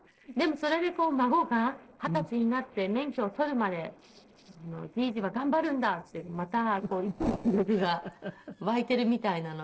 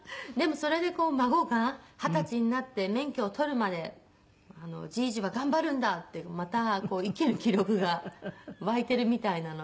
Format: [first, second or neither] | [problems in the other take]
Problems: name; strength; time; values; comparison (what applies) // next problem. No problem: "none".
second | noise reduction (neural separator model SepFormer DNS4)